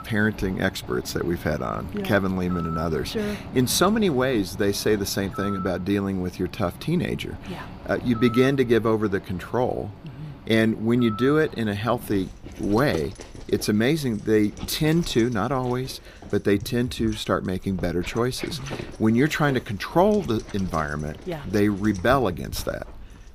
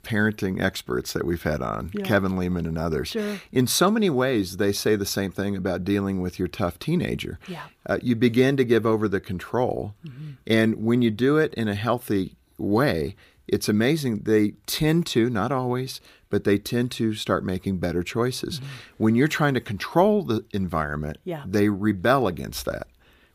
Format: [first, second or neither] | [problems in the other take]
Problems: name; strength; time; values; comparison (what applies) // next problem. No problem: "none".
second | animal sounds; noticeable; throughout; 15 dB below the speech